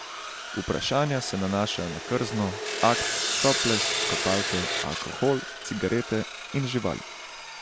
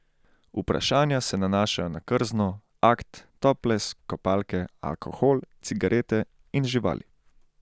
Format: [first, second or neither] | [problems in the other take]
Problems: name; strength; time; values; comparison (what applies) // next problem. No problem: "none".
second | background sound (Sawing); 3 dB below the speech